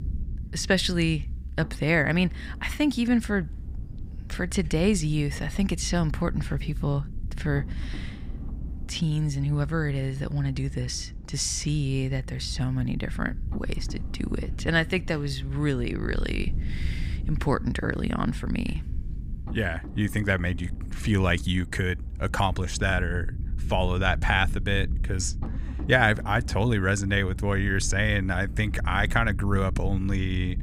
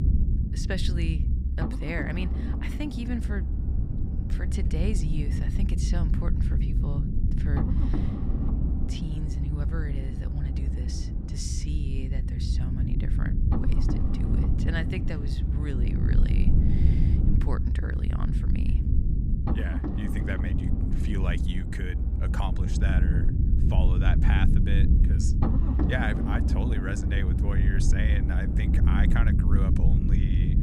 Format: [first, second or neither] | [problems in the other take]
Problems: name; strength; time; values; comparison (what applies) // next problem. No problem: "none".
first | low rumble; loud; throughout; 1 dB below the speech; faint in the first